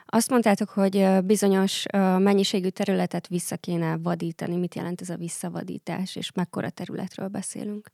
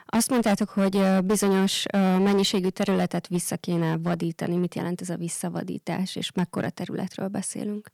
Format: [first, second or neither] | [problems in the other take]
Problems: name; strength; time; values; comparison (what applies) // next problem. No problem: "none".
first | distortion; slight; 7% of the sound clipped